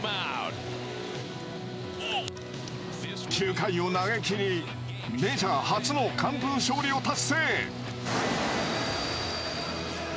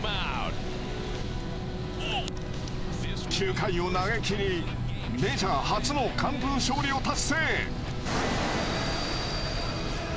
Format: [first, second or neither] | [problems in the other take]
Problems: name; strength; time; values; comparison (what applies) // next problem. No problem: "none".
first | background sound (Boat, Water vehicle); 3 dB below the speech